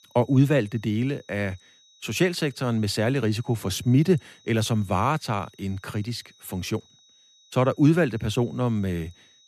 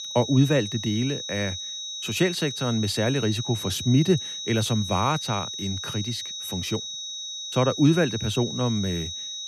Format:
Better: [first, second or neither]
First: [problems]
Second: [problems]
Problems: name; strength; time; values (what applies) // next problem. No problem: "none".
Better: first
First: high-pitched whine; faint; throughout; 4 kHz, 30 dB below the speech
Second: high-pitched whine; loud; throughout; 4 kHz, 6 dB below the speech